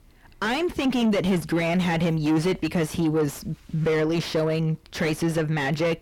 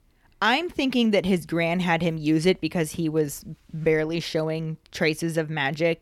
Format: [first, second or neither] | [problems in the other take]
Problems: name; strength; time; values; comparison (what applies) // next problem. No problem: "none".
second | distortion; heavy; 6 dB below the speech